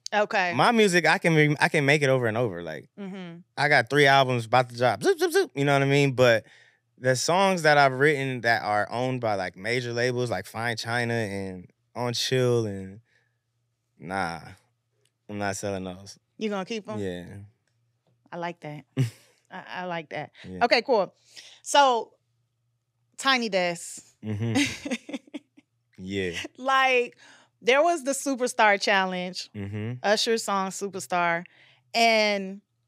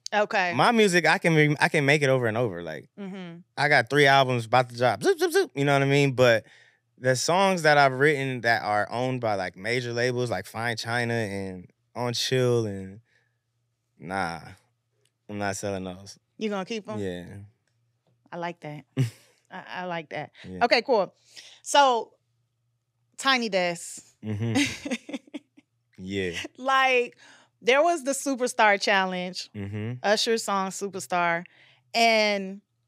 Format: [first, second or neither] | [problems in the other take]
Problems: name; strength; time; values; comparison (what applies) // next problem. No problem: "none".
neither | none